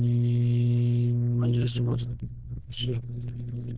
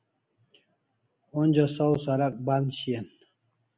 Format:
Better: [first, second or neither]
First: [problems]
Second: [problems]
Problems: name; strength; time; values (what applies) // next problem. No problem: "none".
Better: second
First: noise reduction (neural diffusion model UNIVERSE++)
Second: none